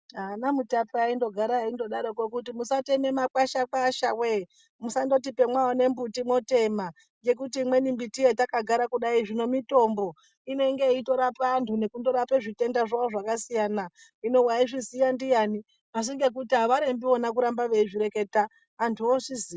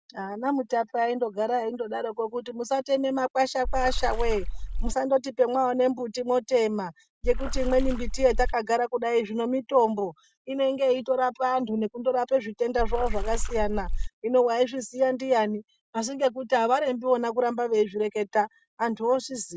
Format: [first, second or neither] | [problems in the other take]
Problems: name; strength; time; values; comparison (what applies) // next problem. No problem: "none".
first | background sound (Water / Splash, splatter); as loud as the speech